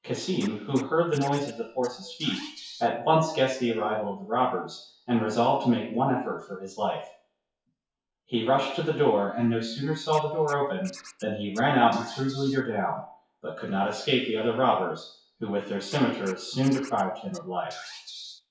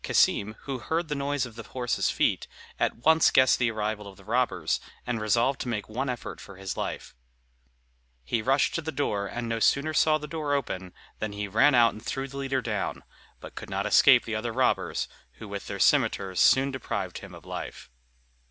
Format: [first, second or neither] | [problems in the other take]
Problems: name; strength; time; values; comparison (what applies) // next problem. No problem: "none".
second | noise reduction (classical method WPE with log-MMSE)